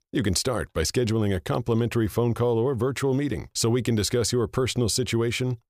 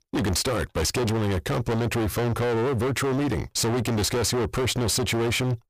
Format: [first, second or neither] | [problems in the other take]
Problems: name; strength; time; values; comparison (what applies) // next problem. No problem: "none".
first | distortion; heavy; 42% of the sound clipped